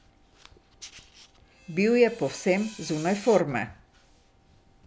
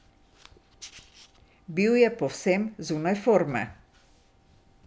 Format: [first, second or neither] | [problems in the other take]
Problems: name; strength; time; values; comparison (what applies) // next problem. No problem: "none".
second | background sound (Screech); 19 dB below the speech